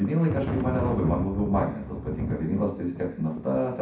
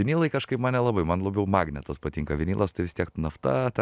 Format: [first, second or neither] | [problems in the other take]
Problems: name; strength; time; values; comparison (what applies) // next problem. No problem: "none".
second | background sound (Thunder); 5 dB below the speech // room echo; dies away in 0.6 s